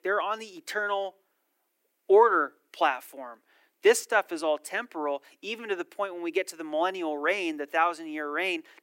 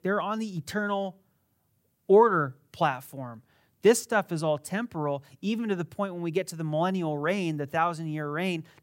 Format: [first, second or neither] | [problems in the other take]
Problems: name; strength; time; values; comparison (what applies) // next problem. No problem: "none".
second | thin; very; fading below 300 Hz